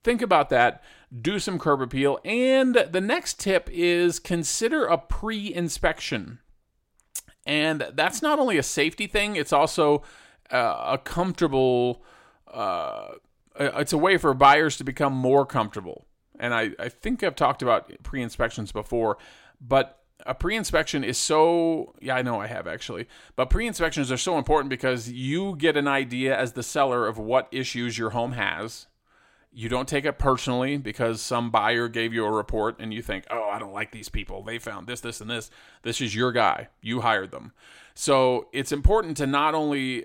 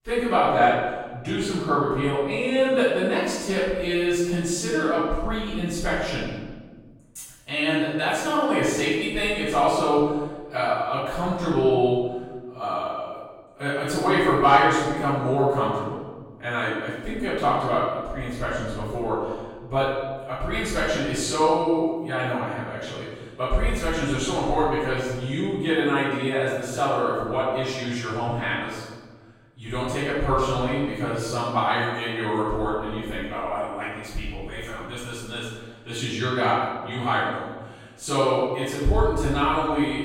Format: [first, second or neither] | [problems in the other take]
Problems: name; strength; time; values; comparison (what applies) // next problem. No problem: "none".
first | off-mic speech; far // room echo; strong; dies away in 1.2 s